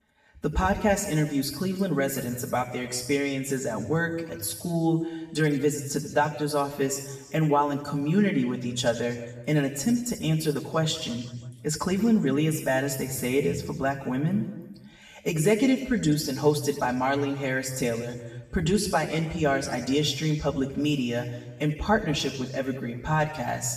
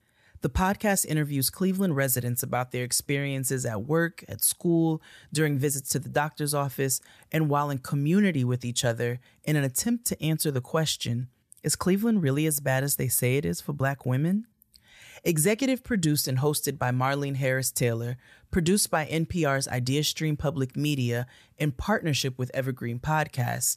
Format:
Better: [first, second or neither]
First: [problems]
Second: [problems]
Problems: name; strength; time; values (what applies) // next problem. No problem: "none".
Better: second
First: room echo; noticeable; dies away in 1.3 s // off-mic speech; far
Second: none